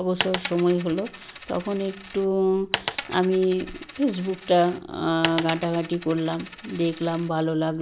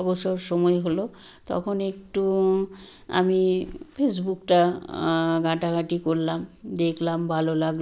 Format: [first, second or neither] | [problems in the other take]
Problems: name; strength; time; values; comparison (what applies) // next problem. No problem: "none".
second | background sound (Coin (dropping)); 11 dB below the speech